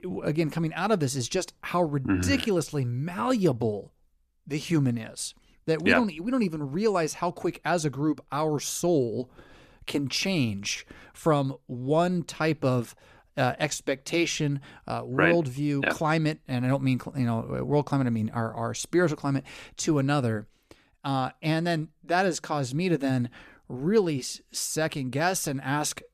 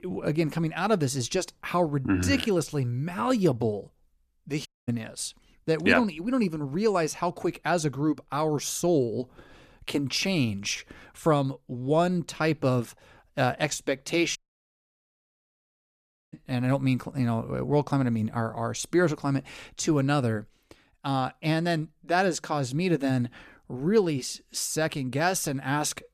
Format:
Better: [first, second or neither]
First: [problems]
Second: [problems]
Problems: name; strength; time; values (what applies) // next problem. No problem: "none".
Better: first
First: none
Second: audio cutting out; at 4.5 s and at 14 s for 2 s